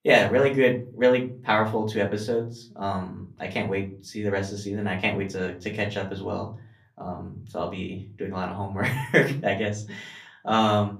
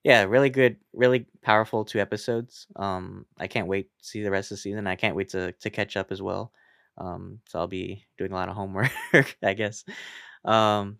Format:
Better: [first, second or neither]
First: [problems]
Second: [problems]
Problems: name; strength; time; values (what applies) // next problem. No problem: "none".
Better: second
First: off-mic speech; far // room echo; very slight; dies away in 0.4 s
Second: none